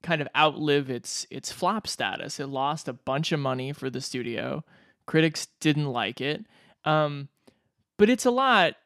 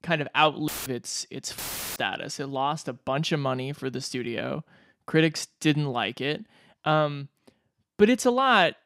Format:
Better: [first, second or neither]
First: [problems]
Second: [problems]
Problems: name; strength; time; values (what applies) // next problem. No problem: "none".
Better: first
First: none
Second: audio cutting out; filled with static; at 0.5 s and at 1.5 s